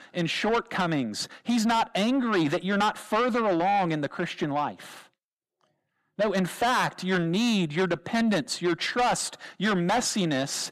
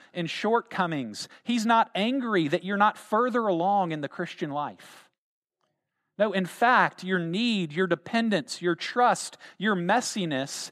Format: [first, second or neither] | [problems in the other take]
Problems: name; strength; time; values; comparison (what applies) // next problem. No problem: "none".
second | distortion; heavy; 6 dB below the speech